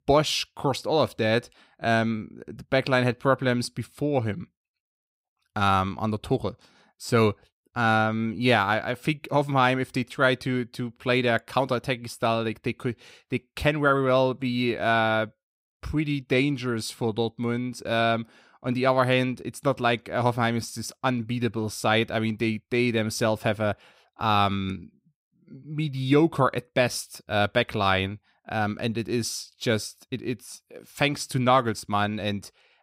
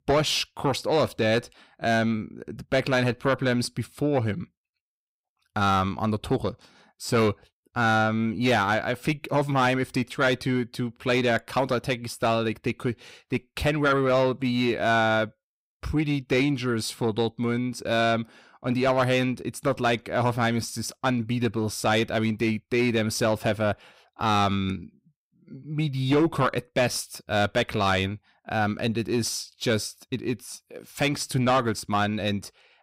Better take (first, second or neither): first